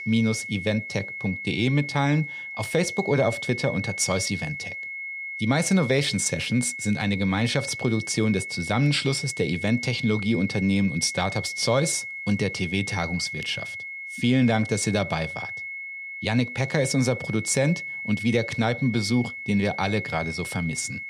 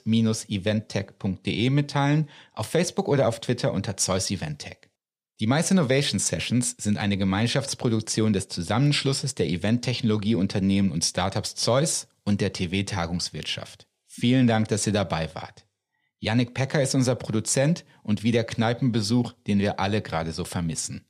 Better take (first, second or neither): second